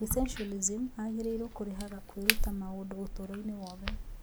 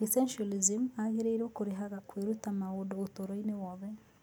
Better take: second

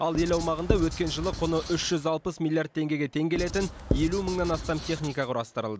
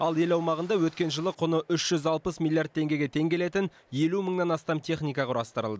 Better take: second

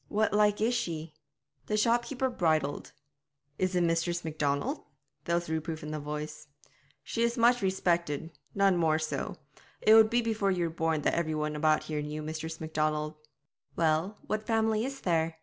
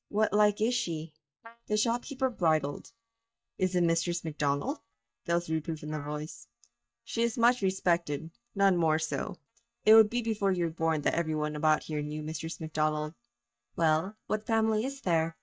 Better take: first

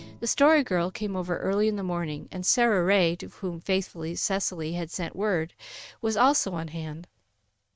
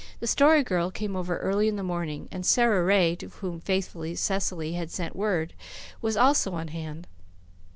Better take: second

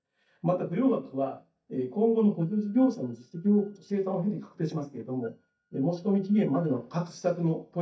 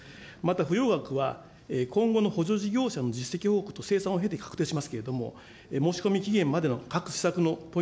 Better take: second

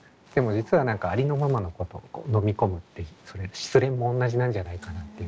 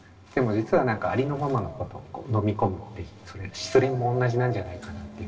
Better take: first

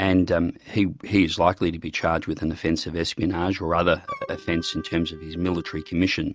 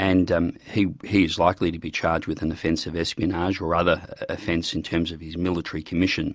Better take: second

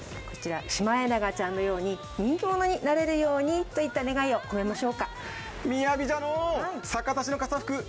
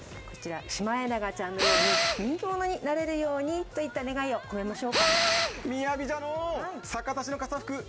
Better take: first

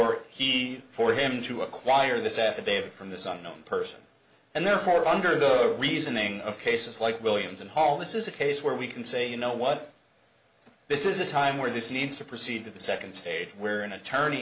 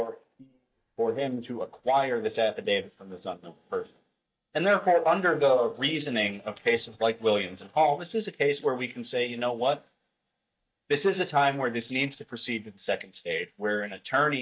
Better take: first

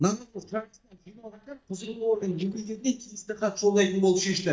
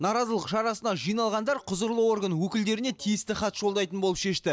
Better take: second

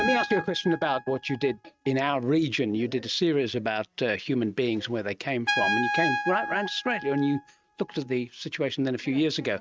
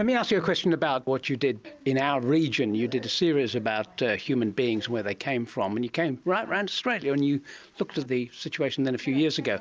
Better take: second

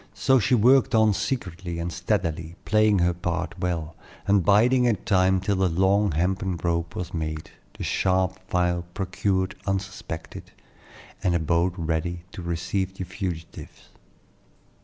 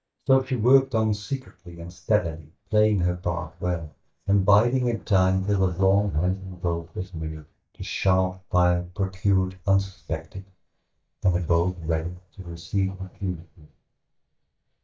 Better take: first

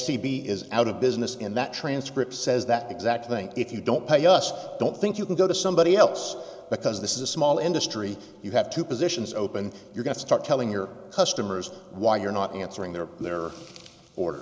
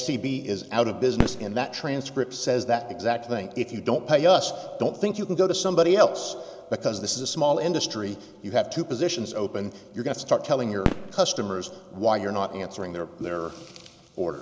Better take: first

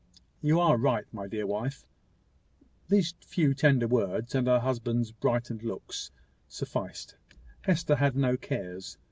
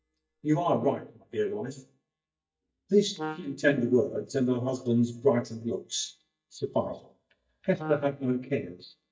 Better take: first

